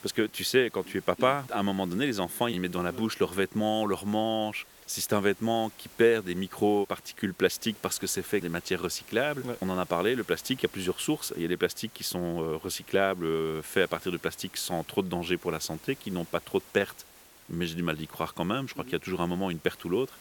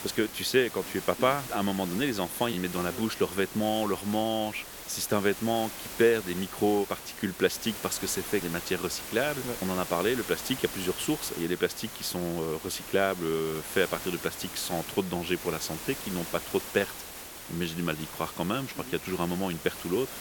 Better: first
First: hiss; faint; throughout; 20 dB below the speech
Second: hiss; loud; throughout; 9 dB below the speech

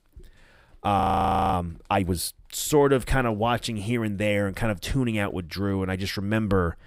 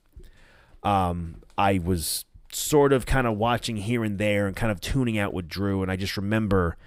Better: second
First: audio freezing; at 1 s for 0.5 s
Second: none

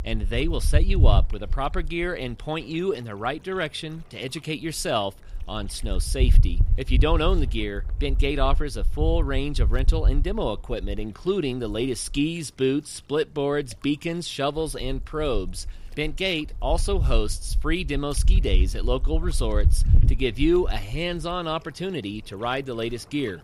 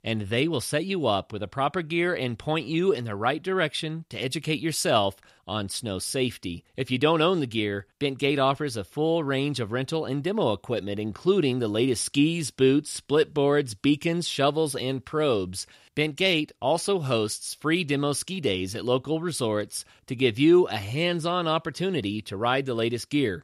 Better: second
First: wind noise on the microphone; occasional gusts; 20 dB below the speech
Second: none

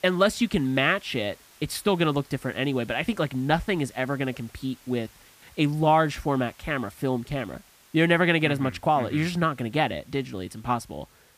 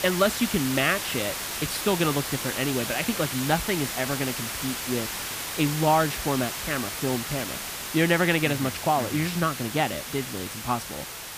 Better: first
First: hiss; faint; throughout; 25 dB below the speech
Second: hiss; loud; throughout; 4 dB below the speech

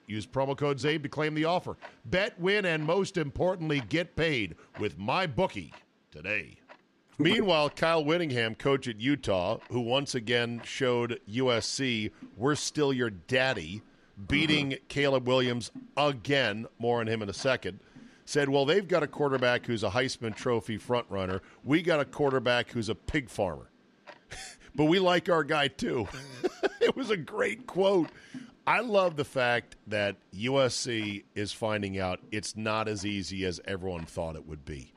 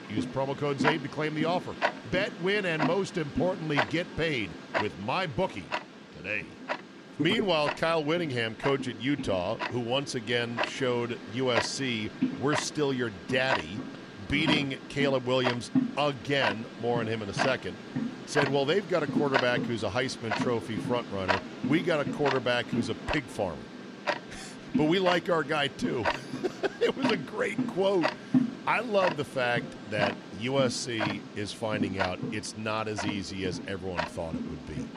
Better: first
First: household noises; faint; throughout; 25 dB below the speech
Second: household noises; loud; throughout; 4 dB below the speech

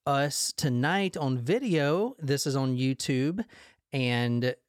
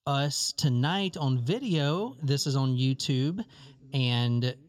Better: first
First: none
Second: room echo; slight; dies away in 3 s

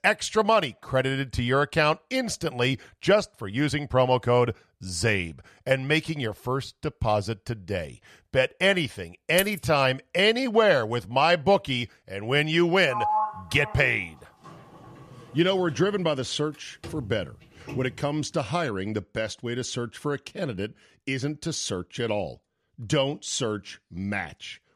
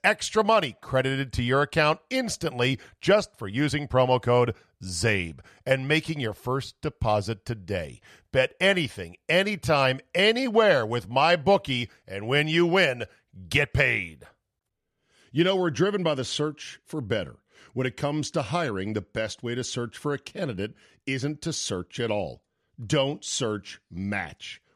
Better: second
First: jangling keys; noticeable; at 9.5 s; peak 6 dB below the speech // door banging; loud; from 13 to 18 s; peak level with the speech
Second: none

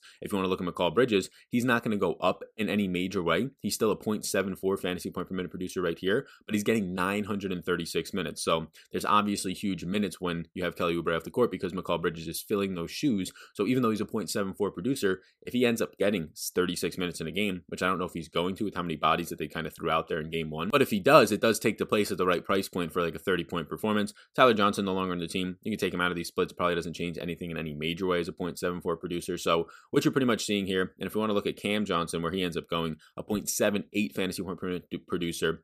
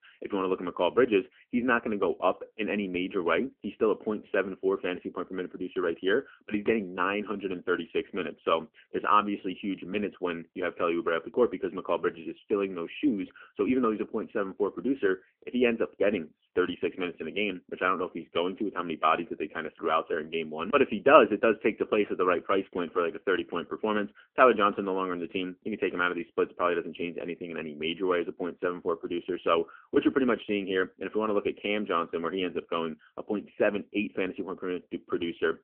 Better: first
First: none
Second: phone-call audio; nothing above 3 kHz

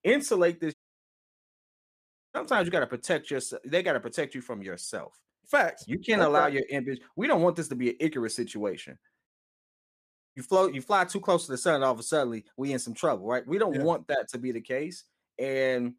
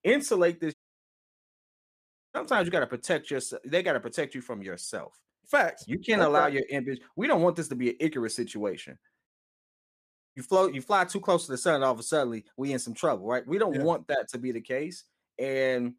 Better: neither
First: audio cutting out; at 0.5 s for 1.5 s and at 9.5 s for 1 s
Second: audio cutting out; at 0.5 s for 1.5 s and at 9.5 s for 1 s

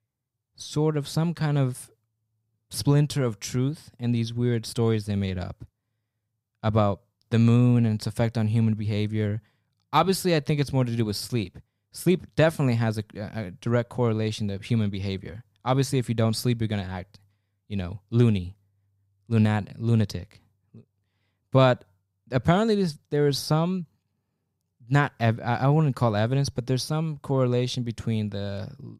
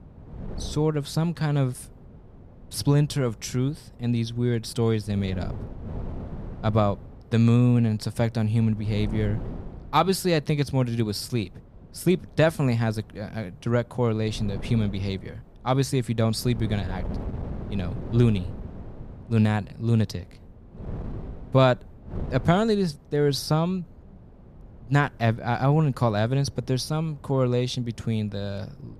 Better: first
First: none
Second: wind noise on the microphone; occasional gusts; 20 dB below the speech

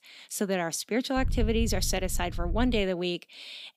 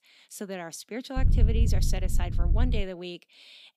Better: first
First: low rumble; faint; from 1 to 3 s; 20 dB below the speech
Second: low rumble; loud; from 1 to 3 s; 6 dB below the speech

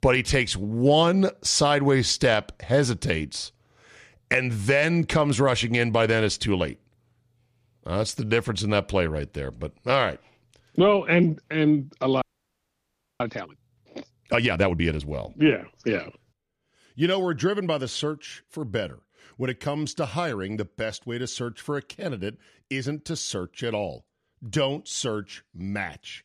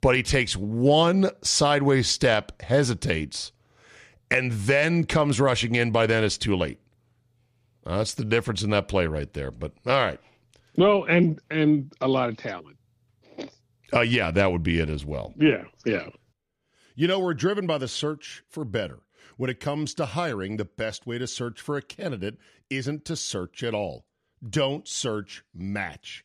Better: second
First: audio freezing; at 12 s for 1 s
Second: none

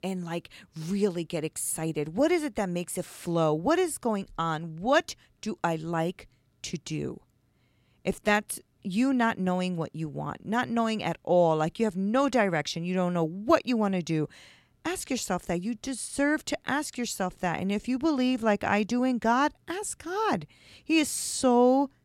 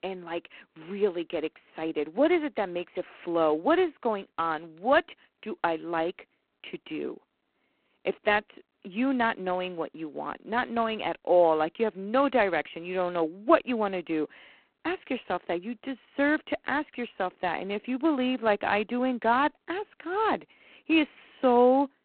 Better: first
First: none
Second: phone-call audio; poor line; nothing above 4 kHz

